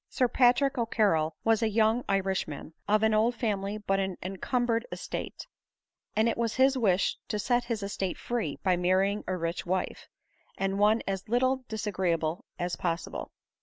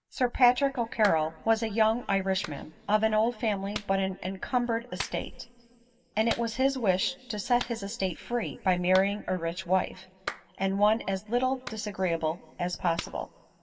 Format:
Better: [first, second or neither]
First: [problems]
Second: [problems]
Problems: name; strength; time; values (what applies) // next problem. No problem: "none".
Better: first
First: none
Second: background sound (Clapping); 17 dB below the speech // room echo; dies away in 2.8 s